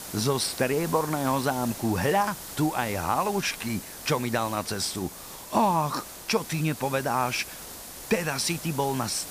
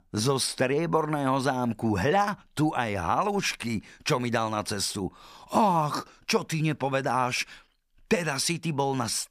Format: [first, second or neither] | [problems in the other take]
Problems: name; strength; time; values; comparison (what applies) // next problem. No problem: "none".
second | hiss; noticeable; throughout; 10 dB below the speech